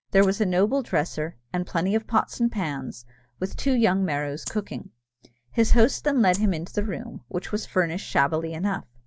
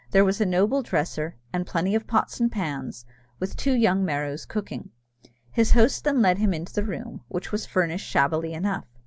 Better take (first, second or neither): second